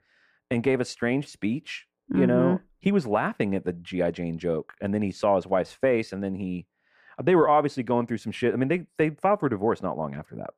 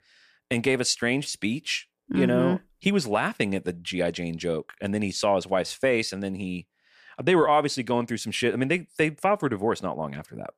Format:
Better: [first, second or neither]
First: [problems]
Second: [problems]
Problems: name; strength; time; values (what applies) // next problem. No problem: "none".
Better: second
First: muffled; slightly; fading above 2.5 kHz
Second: none